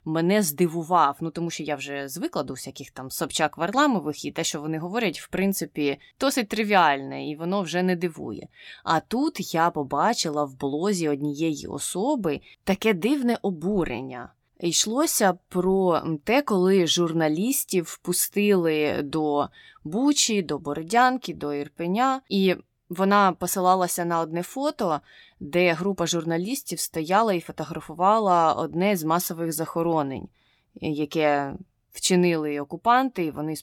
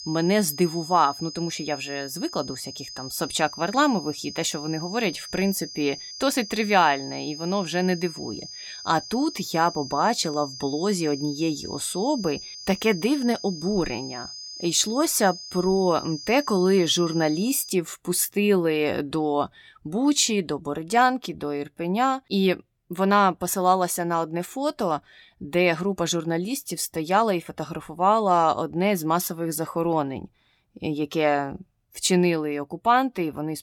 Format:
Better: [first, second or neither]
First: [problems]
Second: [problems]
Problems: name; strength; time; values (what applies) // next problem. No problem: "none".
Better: first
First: none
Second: high-pitched whine; noticeable; until 18 s; 5 kHz, 10 dB below the speech